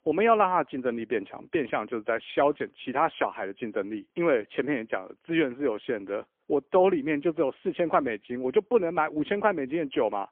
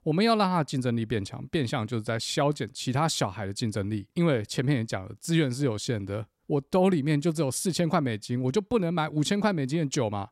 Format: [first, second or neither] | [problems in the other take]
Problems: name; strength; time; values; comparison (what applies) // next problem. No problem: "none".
second | phone-call audio; poor line; nothing above 3.5 kHz